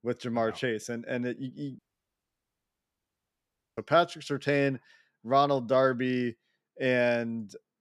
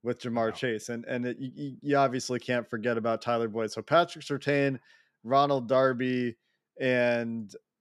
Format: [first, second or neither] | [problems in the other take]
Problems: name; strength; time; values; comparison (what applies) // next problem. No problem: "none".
second | audio cutting out; at 2 s for 2 s